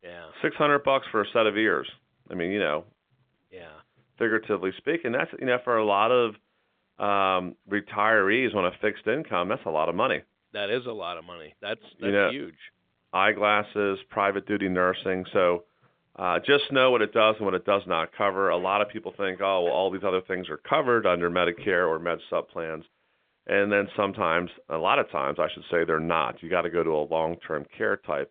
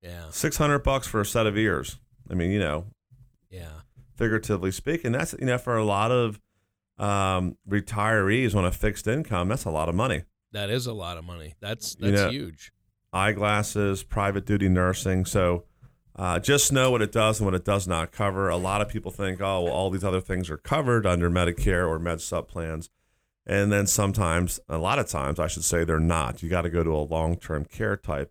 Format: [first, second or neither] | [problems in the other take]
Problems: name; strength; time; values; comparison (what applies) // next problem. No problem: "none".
second | phone-call audio; nothing above 3.5 kHz